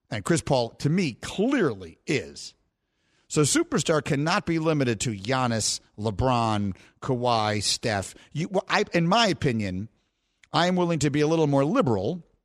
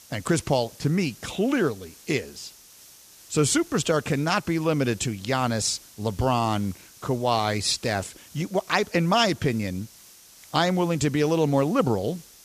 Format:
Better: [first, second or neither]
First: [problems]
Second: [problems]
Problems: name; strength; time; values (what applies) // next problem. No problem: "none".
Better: first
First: none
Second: hiss; faint; throughout; 20 dB below the speech